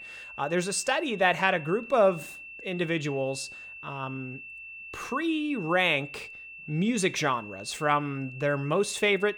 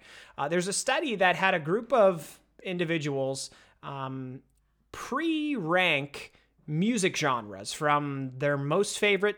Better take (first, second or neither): second